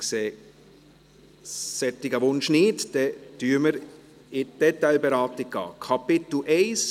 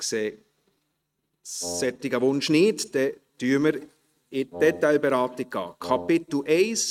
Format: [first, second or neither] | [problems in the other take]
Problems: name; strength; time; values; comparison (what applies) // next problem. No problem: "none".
first | noise reduction (neural mask model RNNoise)